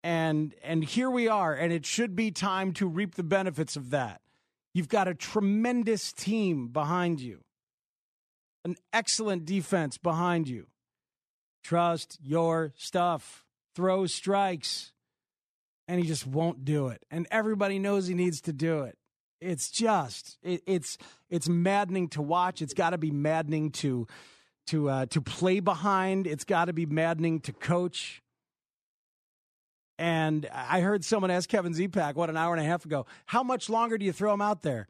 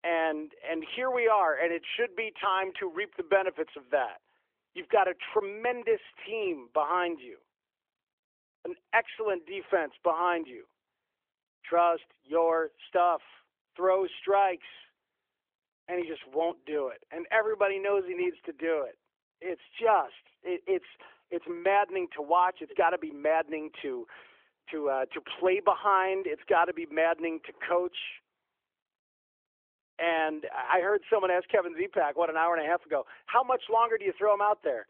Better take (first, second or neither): first